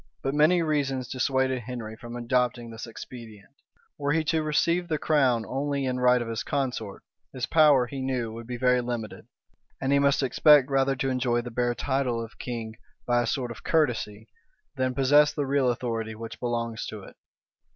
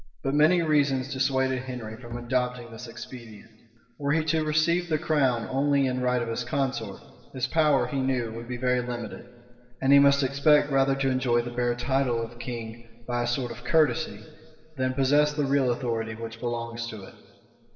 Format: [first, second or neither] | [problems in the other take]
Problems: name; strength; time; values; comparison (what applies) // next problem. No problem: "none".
first | background sound (Bowed string instrument); 16 dB below the speech // room echo; dies away in 2.5 s